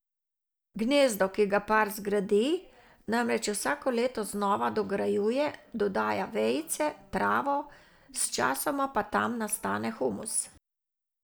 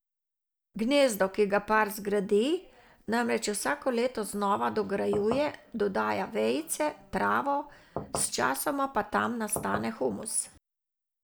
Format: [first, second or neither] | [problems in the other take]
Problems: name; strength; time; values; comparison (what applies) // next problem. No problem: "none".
first | background sound (Knock / Wood); 9 dB below the speech